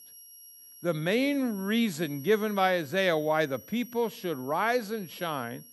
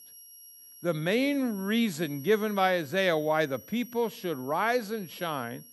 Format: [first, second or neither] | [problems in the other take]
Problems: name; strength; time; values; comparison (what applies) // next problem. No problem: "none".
neither | high-pitched whine; noticeable; throughout; 11.5 kHz, 20 dB below the speech; the same in both